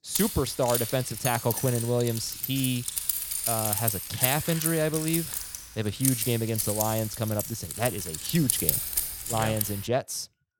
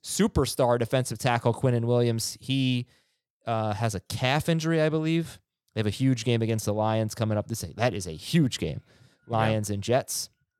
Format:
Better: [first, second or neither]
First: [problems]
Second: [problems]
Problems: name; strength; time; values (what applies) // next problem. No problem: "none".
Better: second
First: jangling keys; loud; until 9.5 s; peak 6 dB above the speech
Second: none